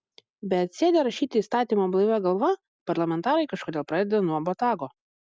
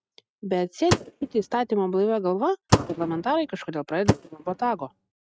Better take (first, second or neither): first